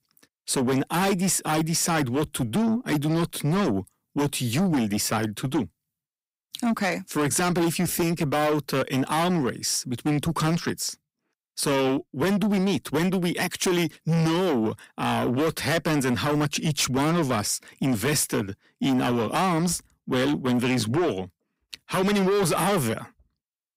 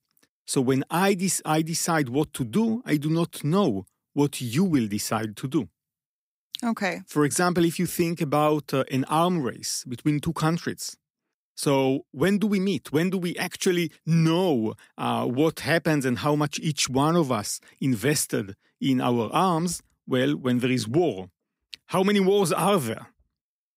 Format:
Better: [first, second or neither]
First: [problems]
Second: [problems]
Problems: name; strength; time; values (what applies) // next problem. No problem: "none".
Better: second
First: distortion; heavy; 7 dB below the speech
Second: none